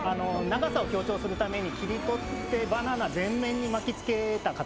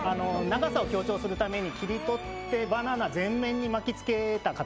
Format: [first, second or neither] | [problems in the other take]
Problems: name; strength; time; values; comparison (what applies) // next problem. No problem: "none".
second | background sound (Aircraft); 11 dB below the speech